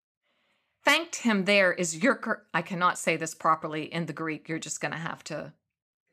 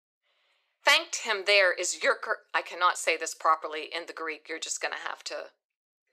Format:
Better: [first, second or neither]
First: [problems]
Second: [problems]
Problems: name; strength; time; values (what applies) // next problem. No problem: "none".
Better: first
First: none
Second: thin; very; fading below 400 Hz